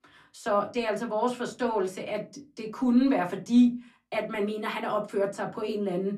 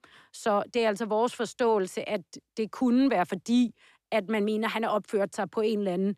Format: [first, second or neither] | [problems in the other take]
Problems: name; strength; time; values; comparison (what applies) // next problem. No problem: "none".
second | off-mic speech; far // room echo; very slight; dies away in 0.2 s